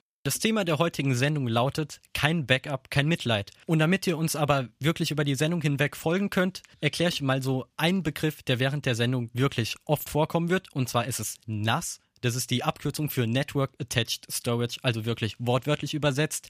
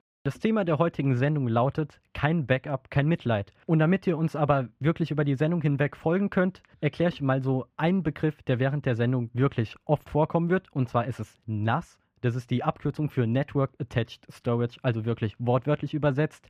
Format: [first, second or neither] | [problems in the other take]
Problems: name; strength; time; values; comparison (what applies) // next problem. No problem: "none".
first | muffled; very; fading above 3.5 kHz